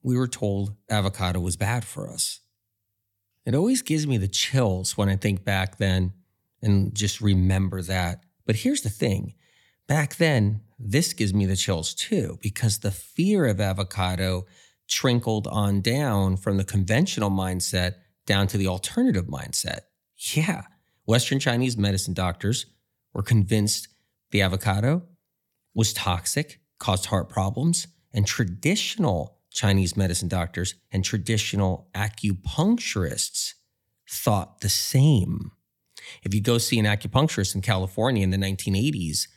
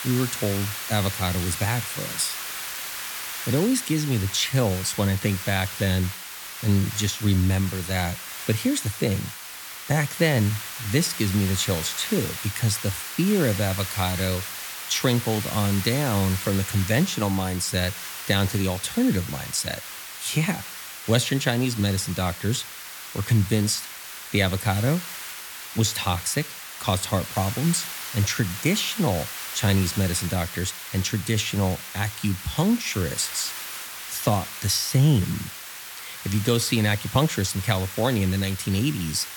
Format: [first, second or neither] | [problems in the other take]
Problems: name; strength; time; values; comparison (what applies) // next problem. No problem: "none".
first | hiss; loud; throughout; 8 dB below the speech